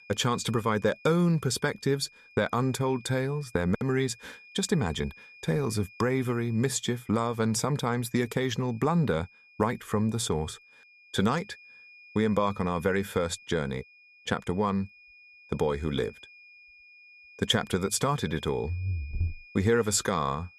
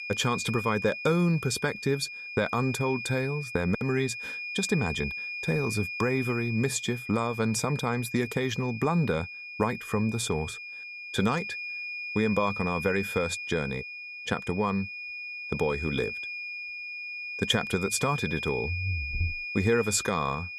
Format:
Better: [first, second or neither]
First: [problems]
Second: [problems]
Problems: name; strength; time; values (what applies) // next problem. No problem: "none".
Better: first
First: high-pitched whine; faint; throughout; 2.5 kHz, 25 dB below the speech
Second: high-pitched whine; loud; throughout; 2.5 kHz, 6 dB below the speech